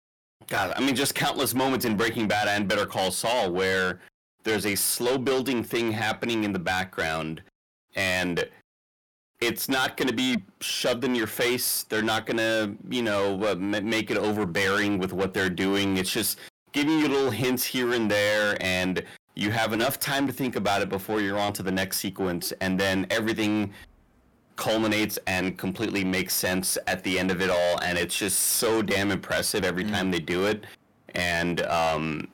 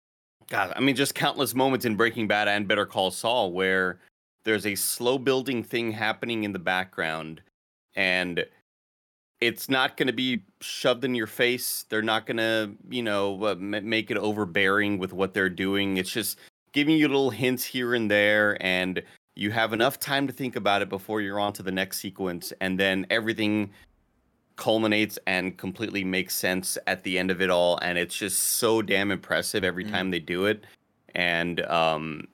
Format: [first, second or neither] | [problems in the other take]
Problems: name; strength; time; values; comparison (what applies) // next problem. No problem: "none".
second | distortion; heavy; 6 dB below the speech